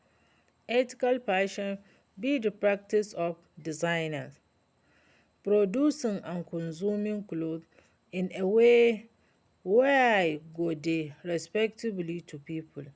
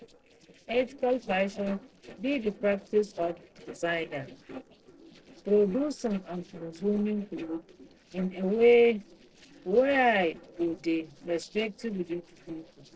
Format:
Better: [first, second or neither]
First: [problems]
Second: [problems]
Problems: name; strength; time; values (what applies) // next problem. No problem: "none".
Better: first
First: none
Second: noise reduction (neural separator model SepFormer DNS4)